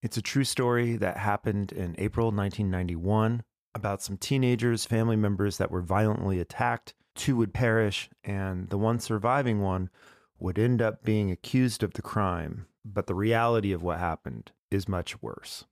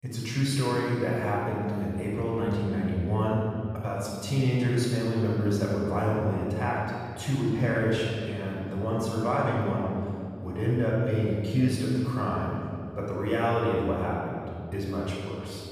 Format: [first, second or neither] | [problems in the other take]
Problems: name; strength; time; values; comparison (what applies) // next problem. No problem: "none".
first | off-mic speech; far // room echo; strong; dies away in 2 s